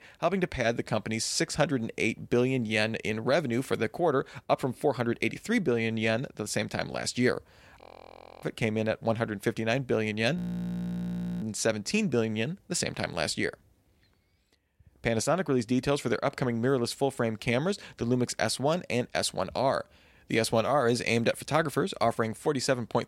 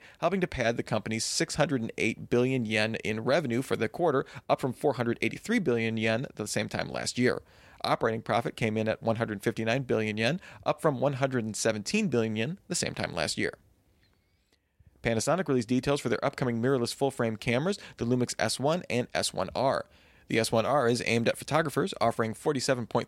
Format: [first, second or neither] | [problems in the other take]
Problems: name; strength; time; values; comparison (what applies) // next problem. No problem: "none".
second | audio freezing; at 8 s for 0.5 s and at 10 s for 1 s